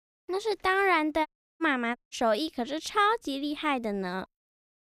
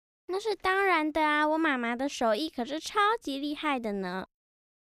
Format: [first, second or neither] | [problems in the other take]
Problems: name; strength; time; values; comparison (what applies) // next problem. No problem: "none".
second | audio cutting out; at 1.5 s and at 2 s